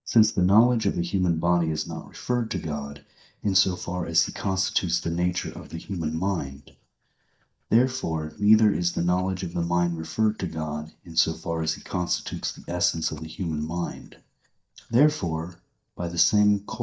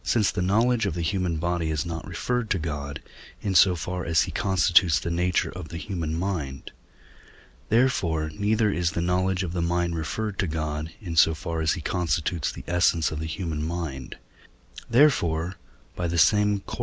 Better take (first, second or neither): second